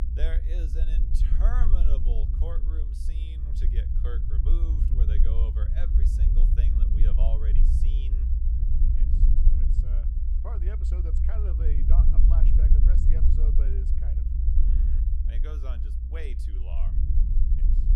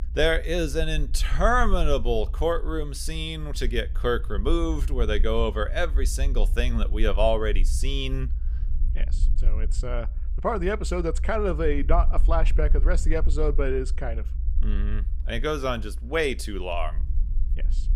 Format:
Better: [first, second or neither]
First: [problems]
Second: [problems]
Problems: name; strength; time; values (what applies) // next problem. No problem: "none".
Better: second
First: low rumble; loud; throughout; as loud as the speech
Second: low rumble; faint; throughout; 25 dB below the speech